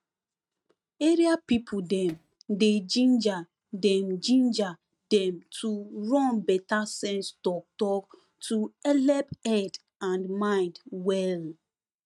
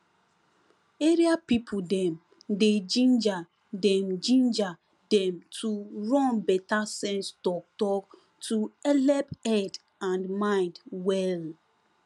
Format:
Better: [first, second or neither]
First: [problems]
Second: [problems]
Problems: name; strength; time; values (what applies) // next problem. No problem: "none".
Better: second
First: noise reduction (neural mask model RNNoise)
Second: none